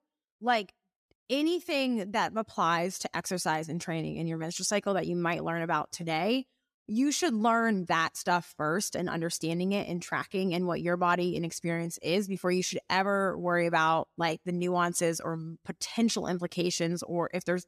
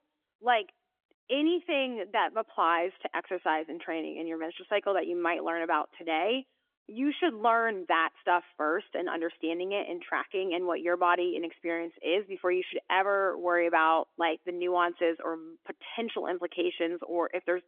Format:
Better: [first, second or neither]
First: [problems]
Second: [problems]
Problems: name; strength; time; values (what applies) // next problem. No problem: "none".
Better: first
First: none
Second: phone-call audio; nothing above 3.5 kHz